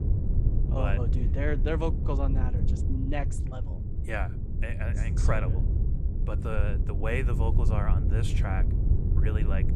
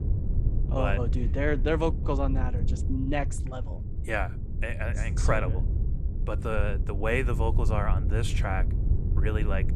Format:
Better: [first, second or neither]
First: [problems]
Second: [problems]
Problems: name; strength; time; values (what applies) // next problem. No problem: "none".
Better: second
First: wind noise on the microphone; heavy; 7 dB below the speech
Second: wind noise on the microphone; occasional gusts; 10 dB below the speech